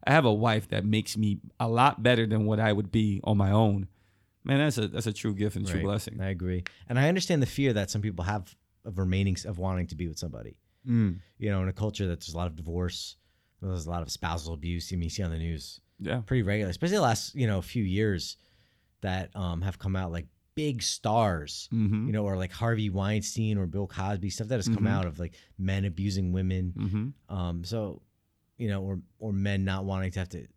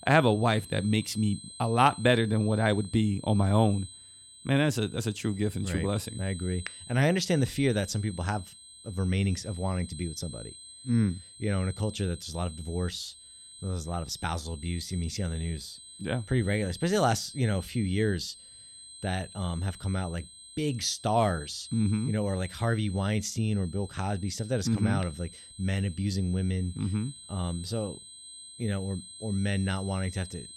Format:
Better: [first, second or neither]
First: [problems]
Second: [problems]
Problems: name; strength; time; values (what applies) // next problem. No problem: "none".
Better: first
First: none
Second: high-pitched whine; noticeable; throughout; 8.5 kHz, 15 dB below the speech